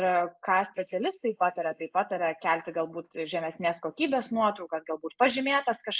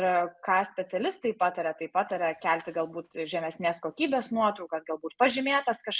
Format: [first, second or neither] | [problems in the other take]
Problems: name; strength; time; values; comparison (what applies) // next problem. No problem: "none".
second | noise reduction (neural mask model Resemble Enhance denoiser)